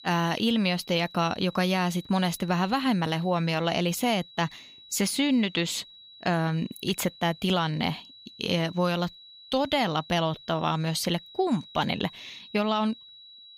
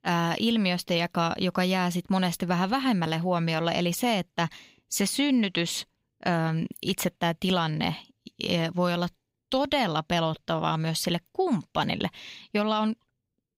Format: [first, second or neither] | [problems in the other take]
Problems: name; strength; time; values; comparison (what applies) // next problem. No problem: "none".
second | high-pitched whine; noticeable; throughout; 4 kHz, 20 dB below the speech